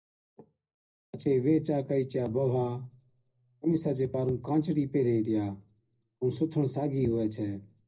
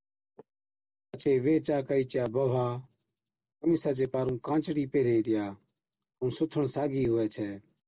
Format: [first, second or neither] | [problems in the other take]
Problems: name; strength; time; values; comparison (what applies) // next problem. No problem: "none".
second | room echo; dies away in 0.5 s